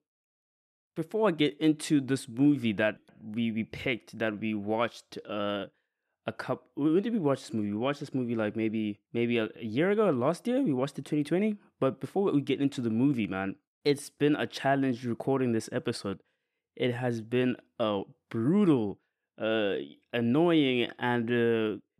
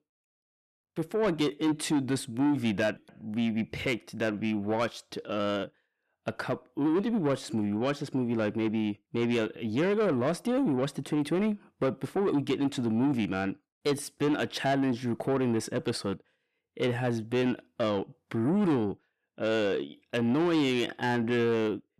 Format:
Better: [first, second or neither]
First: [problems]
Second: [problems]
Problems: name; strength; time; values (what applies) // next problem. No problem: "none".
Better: first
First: none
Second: distortion; slight; 10 dB below the speech